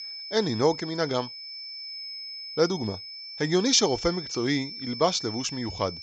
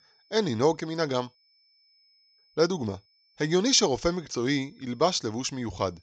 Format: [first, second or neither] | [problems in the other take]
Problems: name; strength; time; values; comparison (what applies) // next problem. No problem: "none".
second | high-pitched whine; loud; throughout; 5.5 kHz, 10 dB below the speech; faint in the second